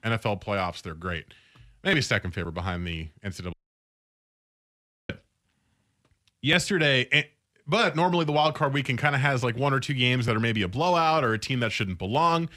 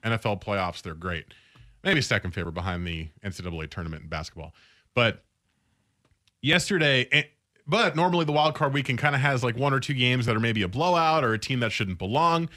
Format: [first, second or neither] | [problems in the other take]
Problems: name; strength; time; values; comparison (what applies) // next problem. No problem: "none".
second | audio cutting out; at 3.5 s for 1.5 s